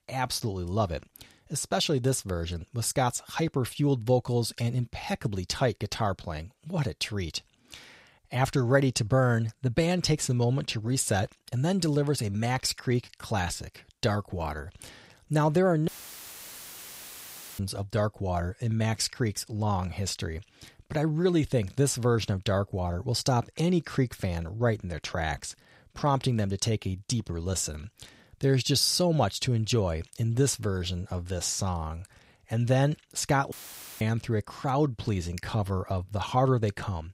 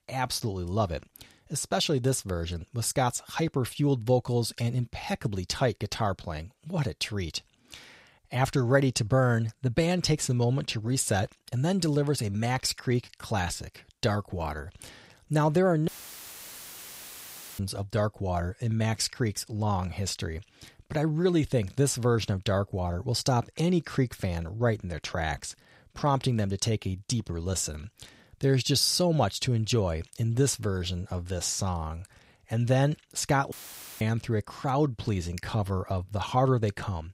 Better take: neither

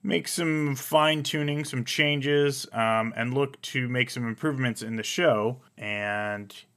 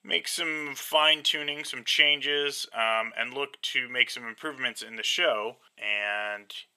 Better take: first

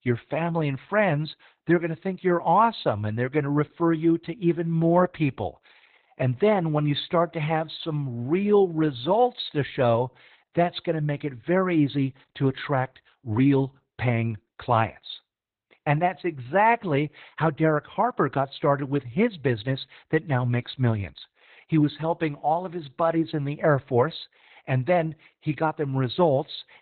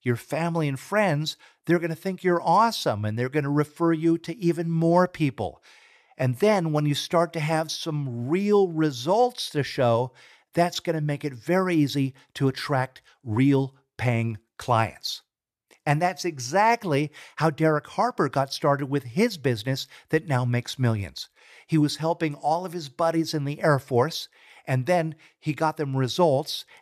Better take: second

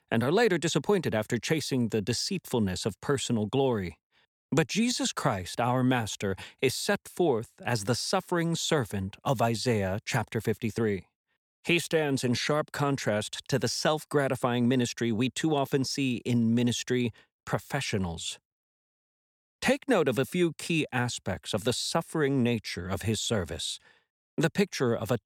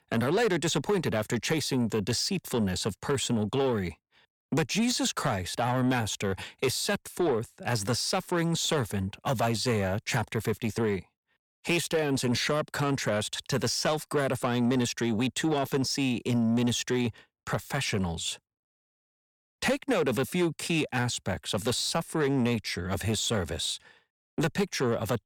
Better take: first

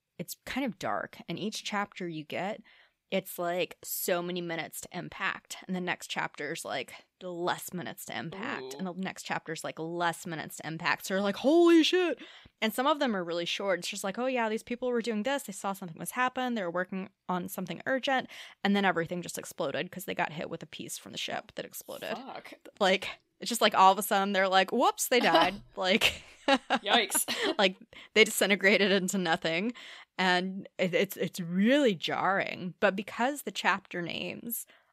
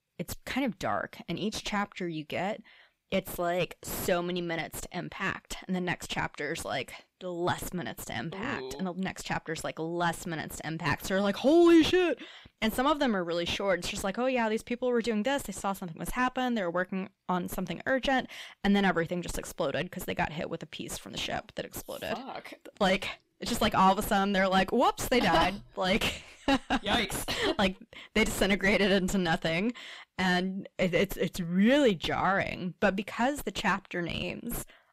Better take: first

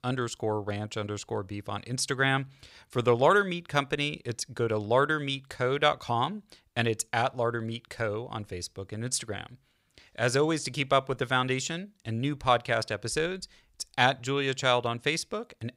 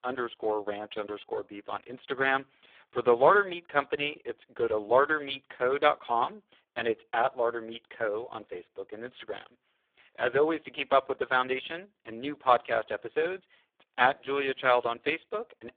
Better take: first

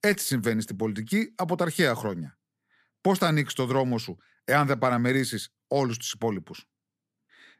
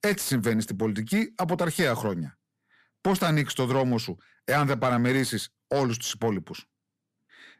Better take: first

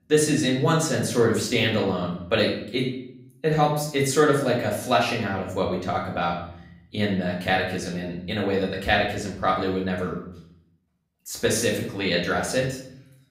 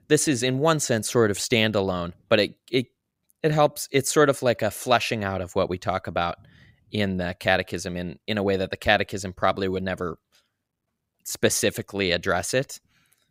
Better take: second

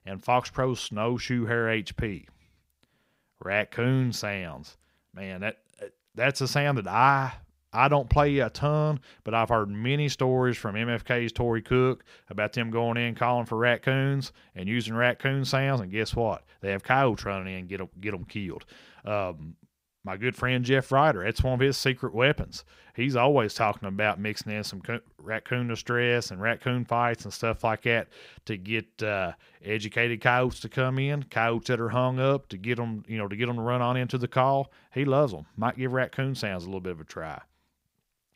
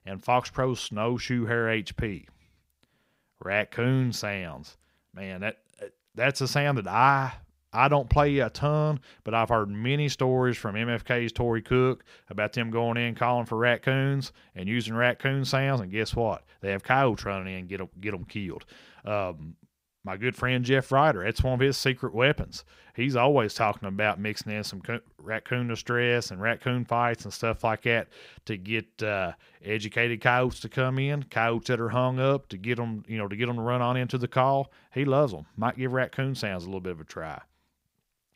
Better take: neither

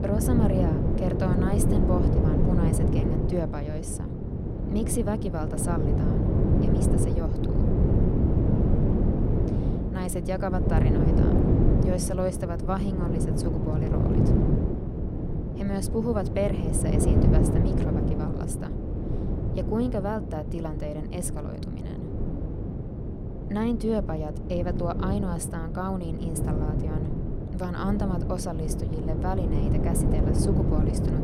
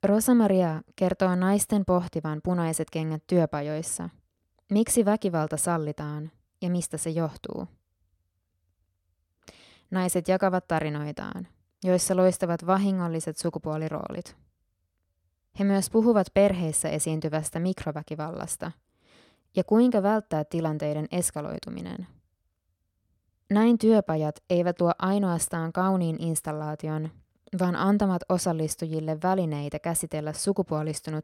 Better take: second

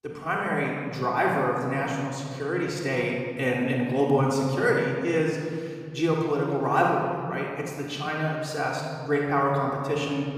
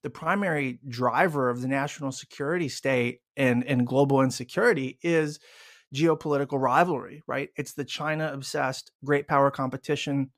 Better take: second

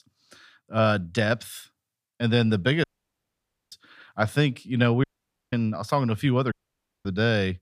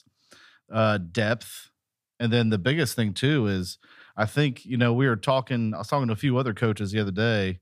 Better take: second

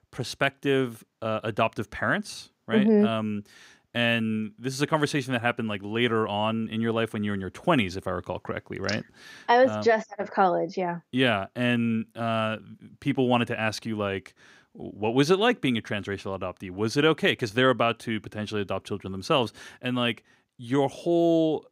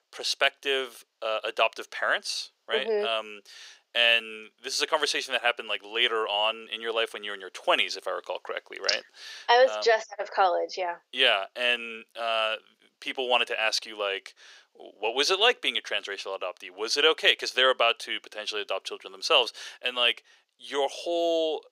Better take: first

